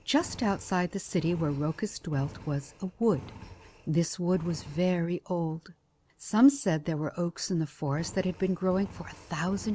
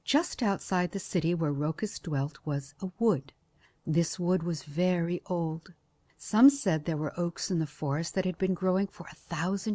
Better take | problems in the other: second | background sound (Engine); 19 dB below the speech

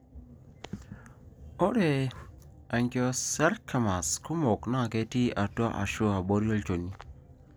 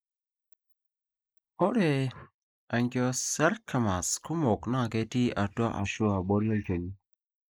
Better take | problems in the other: first | noise reduction (neural mask model Resemble Enhance denoiser)

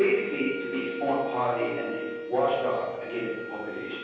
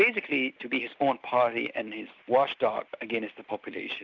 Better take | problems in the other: second | background sound (Wind instrument, woodwind instrument); 8 dB below the speech // room echo; dies away in 1.3 s

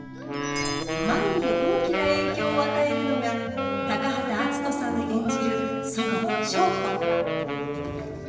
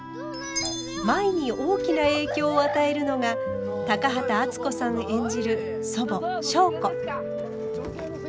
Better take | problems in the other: second | background sound (Wind instrument, woodwind instrument); 1 dB below the speech // room echo; dies away in 1.3 s

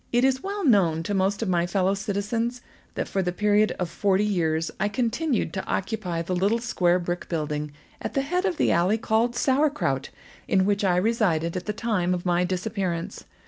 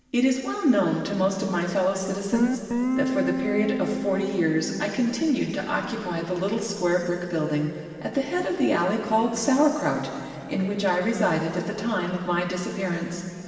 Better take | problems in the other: first | background sound (Guitar); 3 dB below the speech // room echo; dies away in 2.7 s

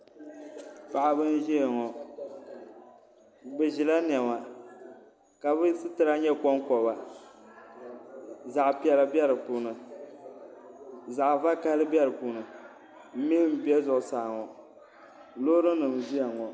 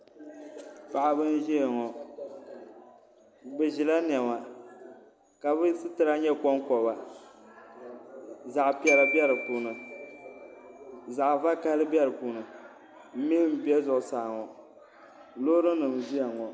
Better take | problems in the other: first | background sound (Glockenspiel); 6 dB below the speech

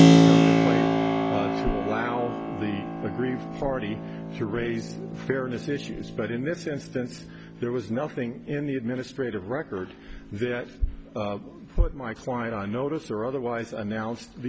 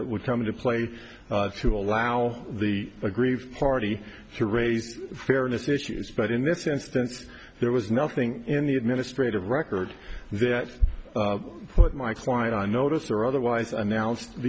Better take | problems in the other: second | background sound (Keyboard (musical)); 3 dB above the speech

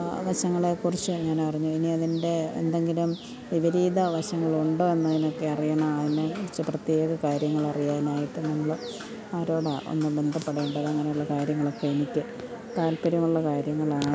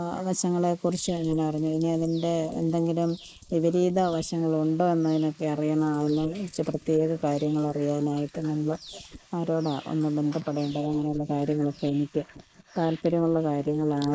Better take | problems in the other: first | noise reduction (neural mask model Resemble Enhance denoiser)

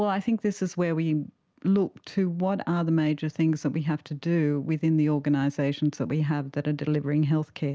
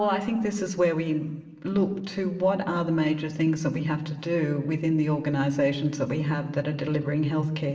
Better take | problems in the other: first | room echo; dies away in 1.1 s

